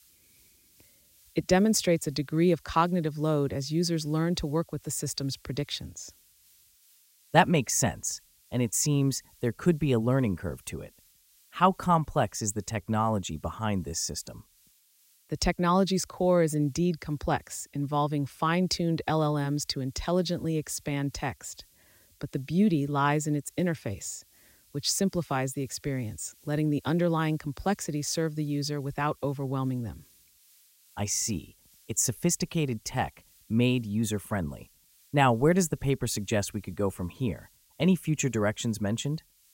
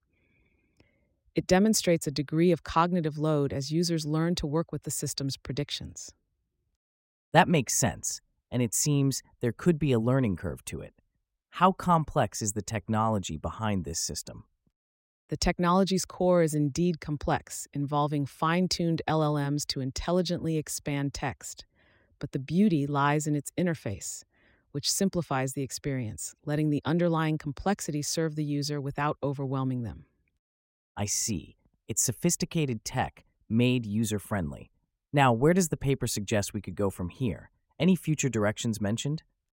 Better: second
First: hiss; faint; throughout; 30 dB below the speech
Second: none

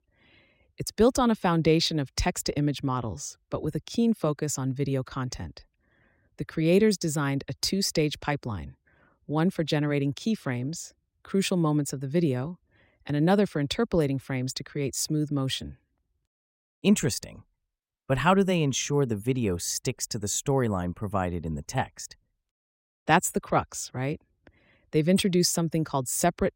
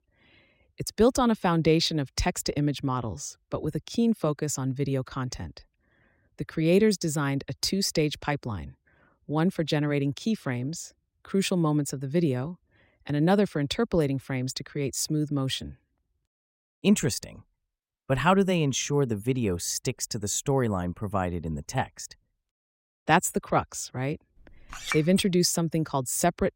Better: first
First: none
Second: clattering dishes; noticeable; at 25 s; peak 6 dB below the speech

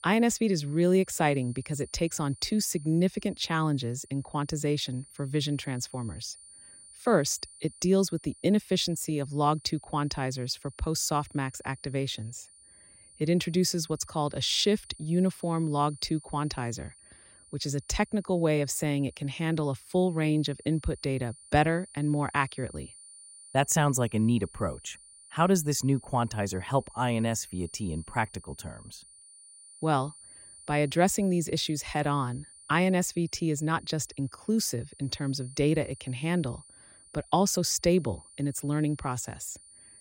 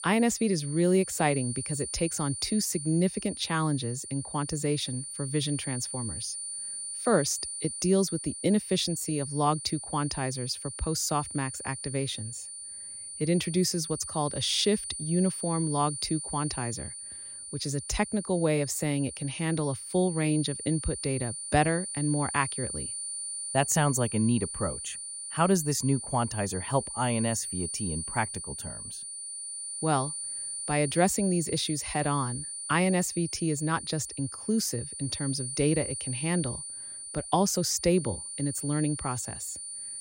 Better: first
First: high-pitched whine; faint; throughout; 9.5 kHz, 20 dB below the speech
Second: high-pitched whine; loud; throughout; 9.5 kHz, 6 dB below the speech

